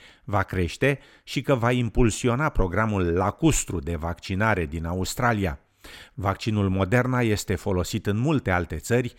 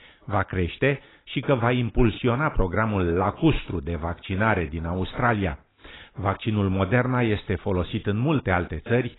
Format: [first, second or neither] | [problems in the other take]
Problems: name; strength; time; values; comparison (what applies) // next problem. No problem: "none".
first | garbled, watery; badly; nothing above 4 kHz